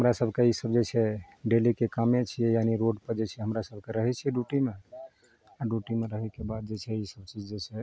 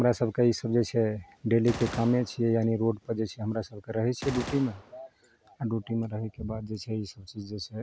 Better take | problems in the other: first | background sound (Gunshot, gunfire); 15 dB below the speech

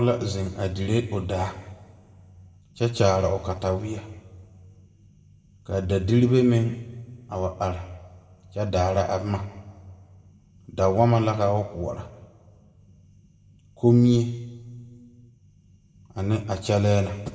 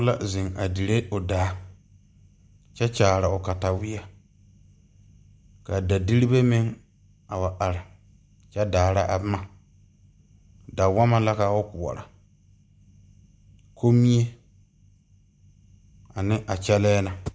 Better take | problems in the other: second | room echo; dies away in 1.3 s

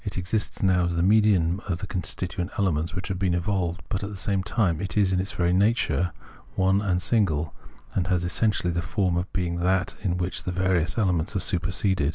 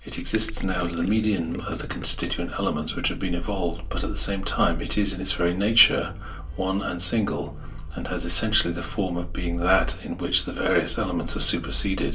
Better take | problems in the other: first | background sound (Gurgling); 16 dB below the speech // room echo; dies away in 0.2 s

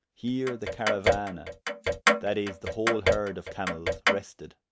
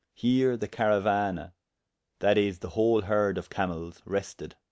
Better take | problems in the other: second | background sound (Clock); 4 dB above the speech

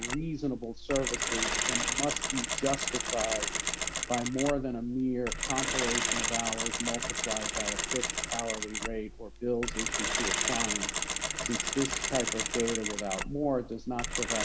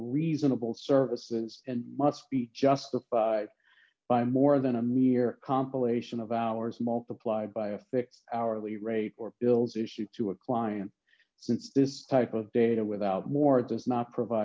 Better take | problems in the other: second | background sound (Mechanisms); 2 dB above the speech

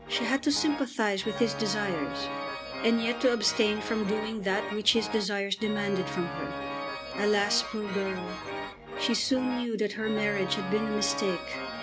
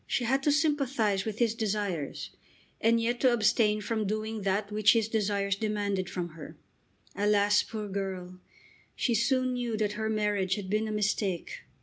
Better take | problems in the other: second | background sound (Organ); 7 dB below the speech

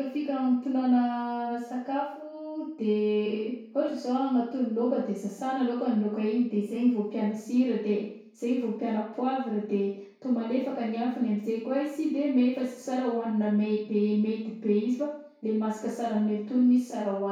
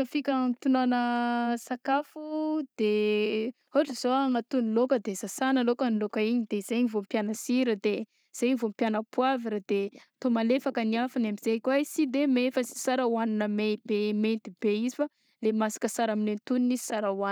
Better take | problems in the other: second | room echo; dies away in 0.6 s

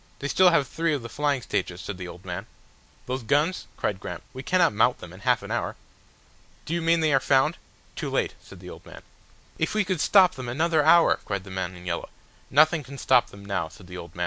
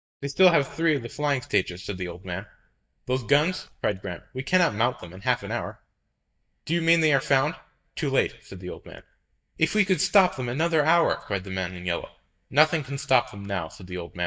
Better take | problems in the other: first | noise reduction (neural mask model DeepFilterNet 3)

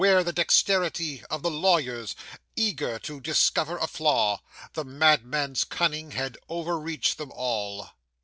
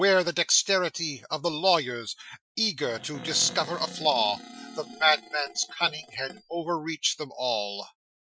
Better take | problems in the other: first | noise reduction (classical method Wiener filter)

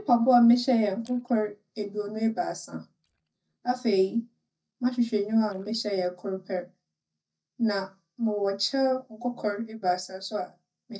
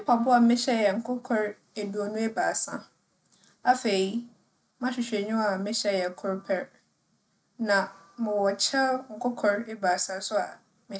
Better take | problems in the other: second | noise reduction (neural mask model DeepFilterNet 3)

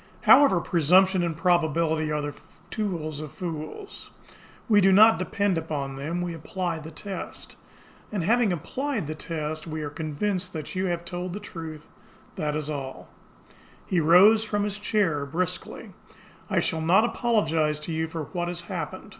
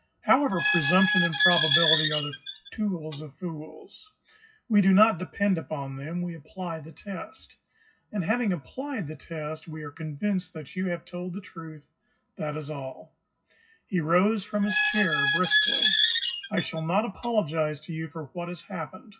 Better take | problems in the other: first | noise reduction (classical method WPE with log-MMSE)

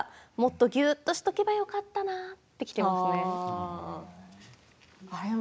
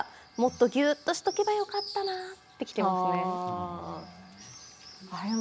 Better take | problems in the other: first | background sound (Bird); 17 dB below the speech

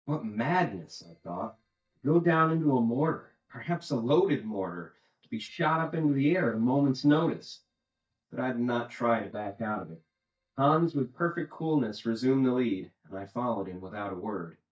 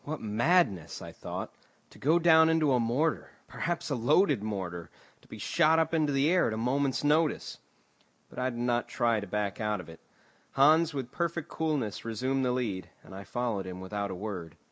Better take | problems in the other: second | noise reduction (neural mask model DeepFilterNet 3)

